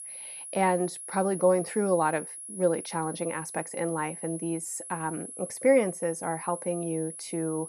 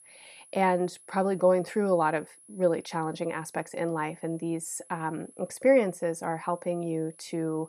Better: second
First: high-pitched whine; loud; throughout; 10.5 kHz, 10 dB below the speech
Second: high-pitched whine; faint; throughout; 10.5 kHz, 25 dB below the speech

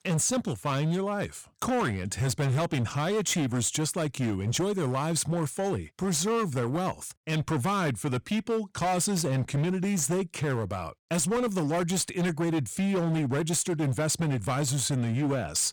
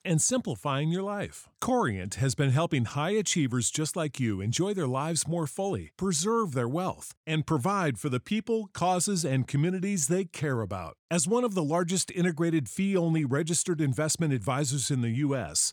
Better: second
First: distortion; slight; 20% of the sound clipped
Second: none

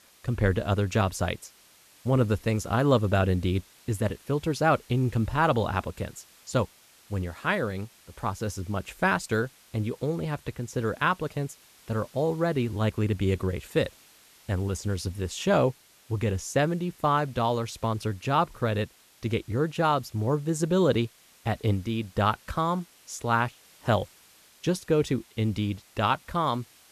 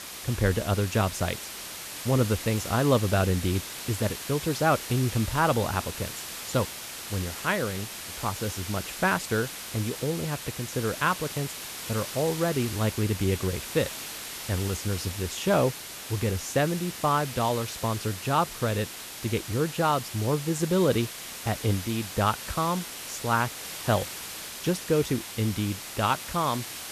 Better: first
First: hiss; faint; throughout; 25 dB below the speech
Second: hiss; loud; throughout; 8 dB below the speech

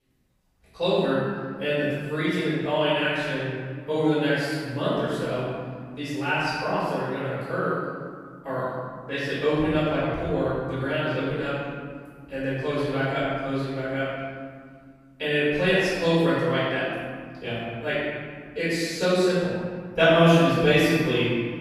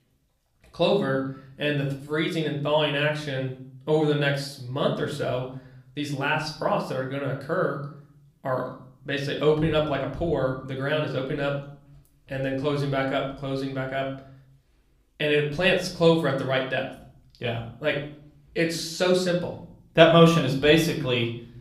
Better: second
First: room echo; strong; dies away in 1.8 s // off-mic speech; far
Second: room echo; slight; dies away in 0.6 s // off-mic speech; somewhat distant

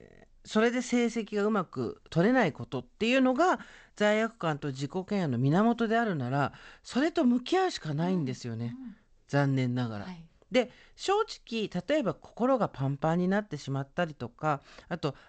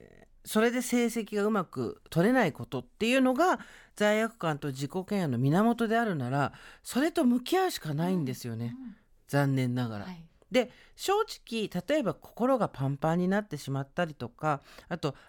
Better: second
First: garbled, watery; slightly; nothing above 8 kHz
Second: none

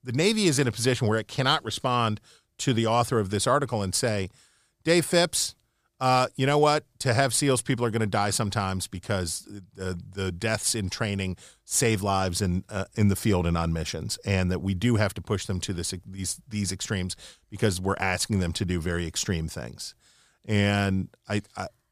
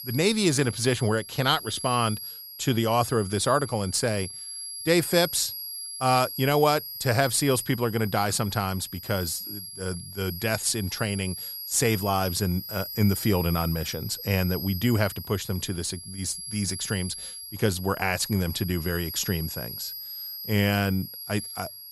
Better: first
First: none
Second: high-pitched whine; loud; throughout; 11.5 kHz, 9 dB below the speech

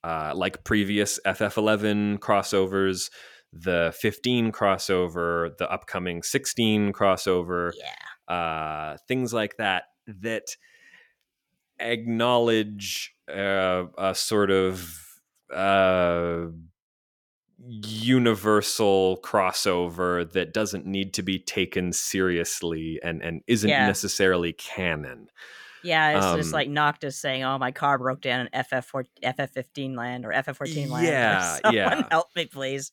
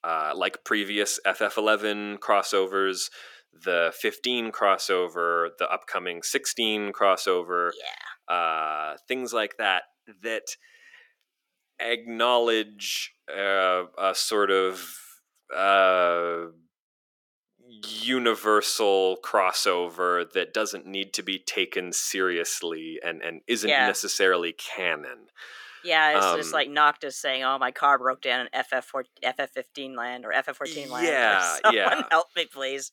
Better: first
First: none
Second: thin; somewhat; fading below 350 Hz

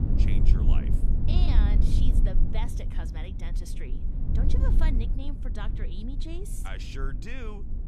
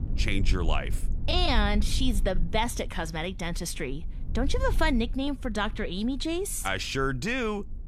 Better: second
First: low rumble; loud; throughout; 1 dB below the speech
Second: low rumble; faint; throughout; 20 dB below the speech

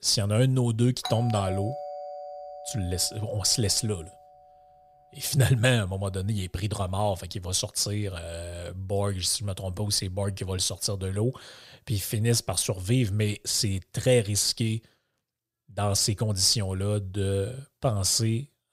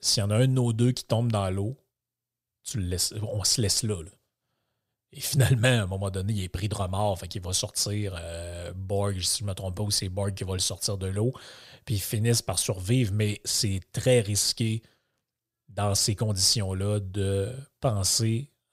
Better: second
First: doorbell; noticeable; from 1 to 3.5 s; peak 8 dB below the speech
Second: none

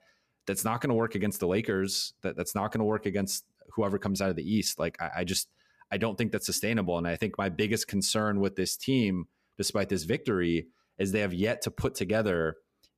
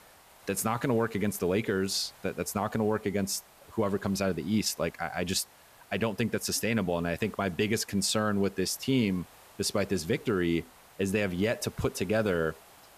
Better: first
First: none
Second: hiss; faint; throughout; 25 dB below the speech

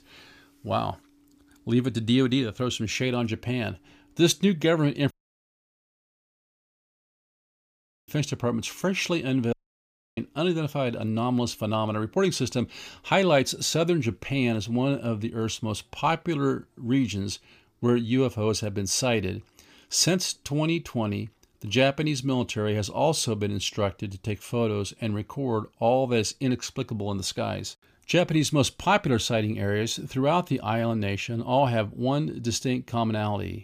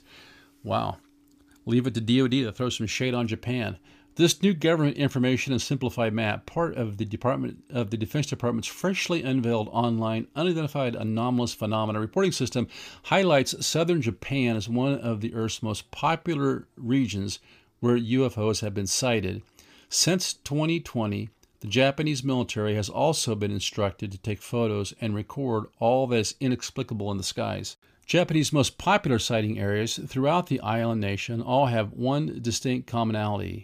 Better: second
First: audio cutting out; at 5 s for 3 s and at 9.5 s for 0.5 s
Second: none

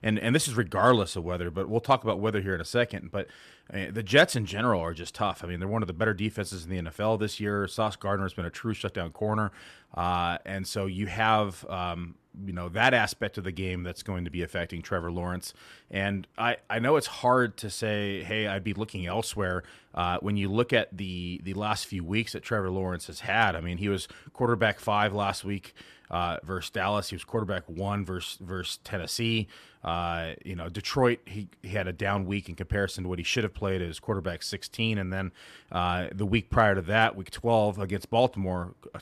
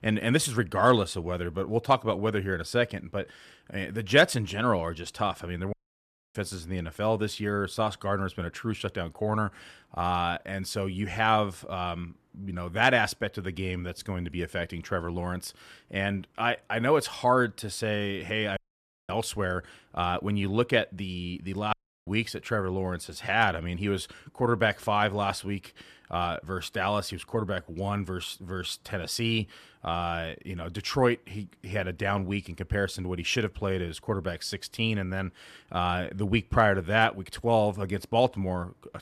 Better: first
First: none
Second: audio cutting out; at 5.5 s for 0.5 s, at 19 s for 0.5 s and at 22 s

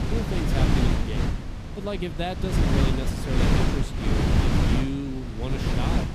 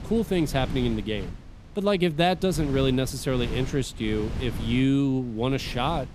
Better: second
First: wind noise on the microphone; heavy; 4 dB above the speech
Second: wind noise on the microphone; occasional gusts; 15 dB below the speech

